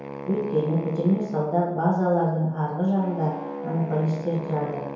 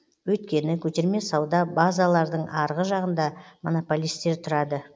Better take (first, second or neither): second